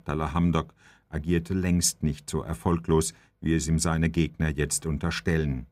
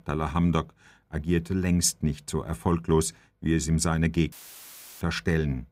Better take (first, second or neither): first